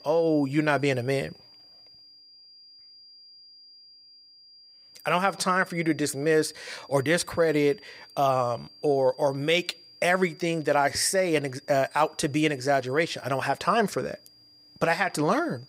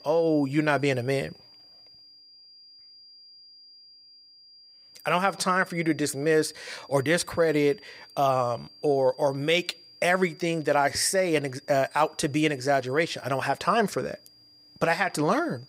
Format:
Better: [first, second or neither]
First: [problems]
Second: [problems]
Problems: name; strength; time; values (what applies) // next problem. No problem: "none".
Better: neither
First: high-pitched whine; faint; throughout; 5 kHz, 25 dB below the speech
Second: high-pitched whine; faint; throughout; 5 kHz, 25 dB below the speech